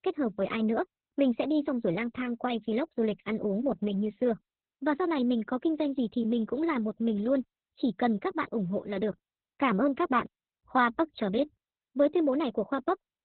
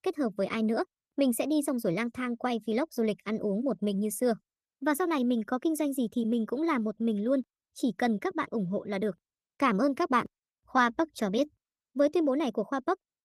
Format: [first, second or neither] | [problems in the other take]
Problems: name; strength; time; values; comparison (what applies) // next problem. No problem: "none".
second | garbled, watery; badly; nothing above 4 kHz; slightly in the second